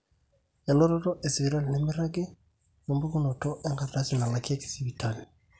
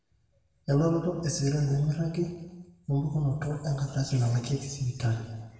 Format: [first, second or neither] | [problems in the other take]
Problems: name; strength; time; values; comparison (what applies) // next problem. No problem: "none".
first | room echo; dies away in 1.2 s